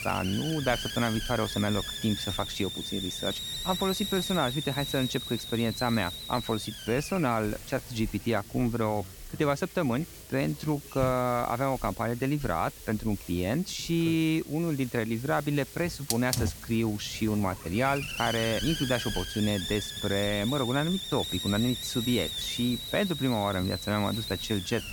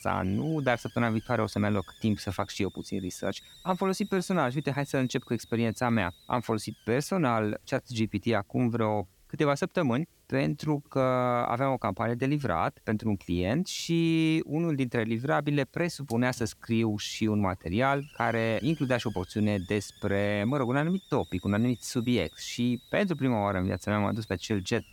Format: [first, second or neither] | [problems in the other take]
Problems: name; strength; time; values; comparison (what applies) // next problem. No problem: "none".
second | hiss; loud; throughout; 6 dB below the speech; faint in the second